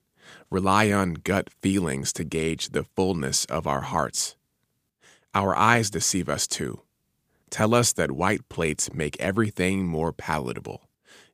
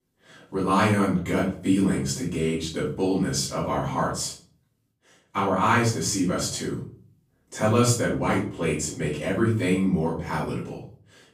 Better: first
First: none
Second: off-mic speech; far // room echo; noticeable; dies away in 0.4 s

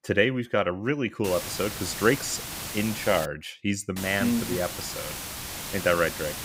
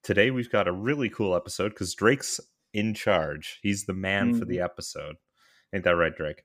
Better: second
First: hiss; loud; from 1 to 3.5 s and from 4 s on; 7 dB below the speech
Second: none

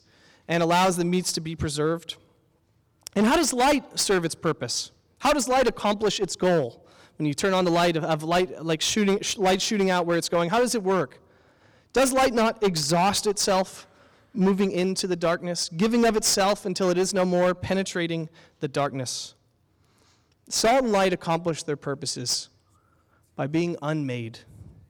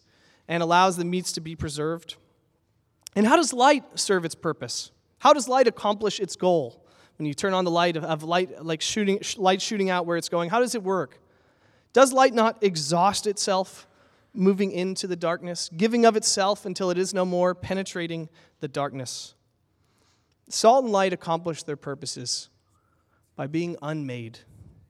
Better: second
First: distortion; heavy; 10% of the sound clipped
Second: none

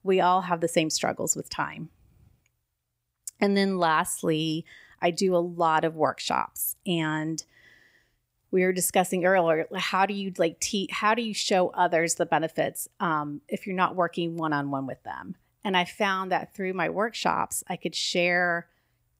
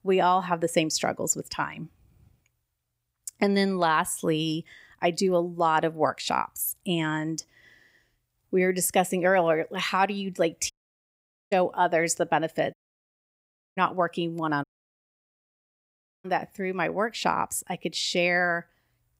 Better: first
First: none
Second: audio cutting out; at 11 s for 1 s, at 13 s for 1 s and at 15 s for 1.5 s

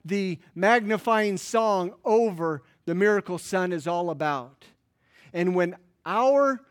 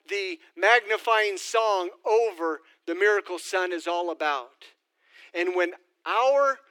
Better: first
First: none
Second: thin; very; fading below 300 Hz

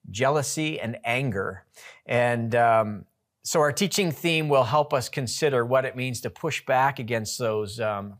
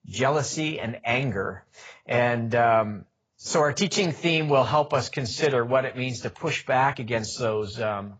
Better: first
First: none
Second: garbled, watery; badly; nothing above 7.5 kHz

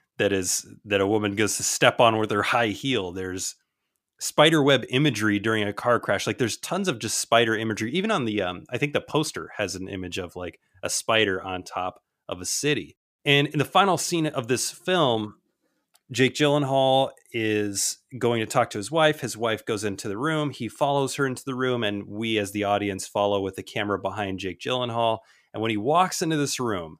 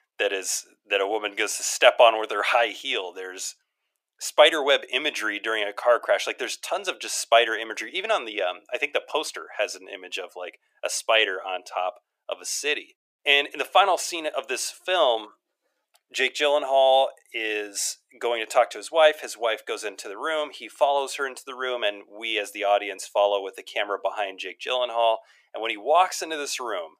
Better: first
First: none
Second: thin; very; fading below 400 Hz

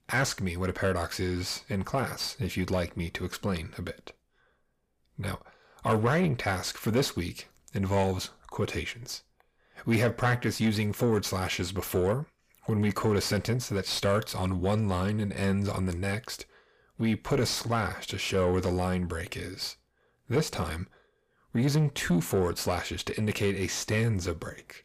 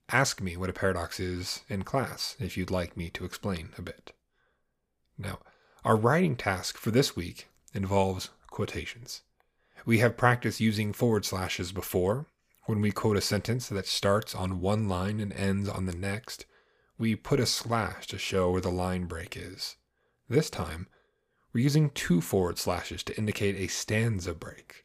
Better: second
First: distortion; slight; 10 dB below the speech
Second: none

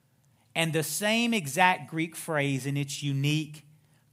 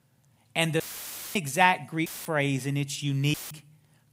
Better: first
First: none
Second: audio cutting out; filled with static; at 1 s for 0.5 s, at 2 s and at 3.5 s

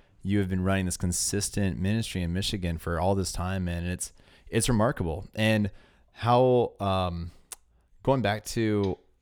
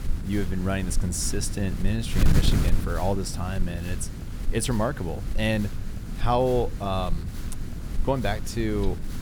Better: first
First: none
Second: wind noise on the microphone; occasional gusts; 10 dB below the speech

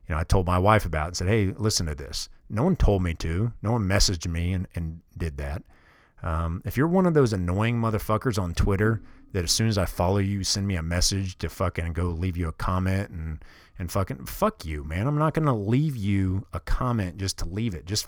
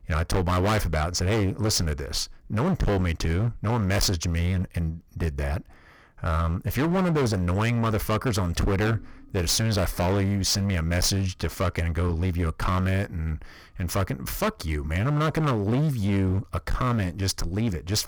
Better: first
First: none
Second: distortion; heavy; 21% of the sound clipped

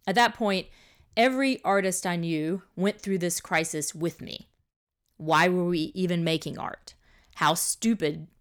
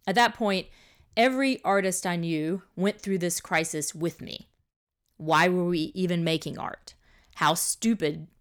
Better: neither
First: none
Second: none

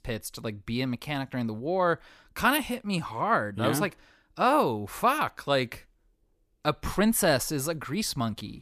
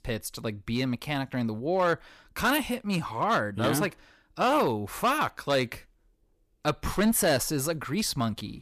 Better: first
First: none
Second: distortion; slight; 4% of the sound clipped

